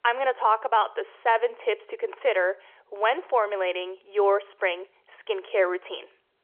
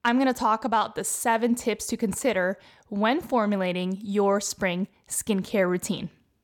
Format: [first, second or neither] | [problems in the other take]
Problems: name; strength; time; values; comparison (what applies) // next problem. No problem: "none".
second | phone-call audio; nothing above 3.5 kHz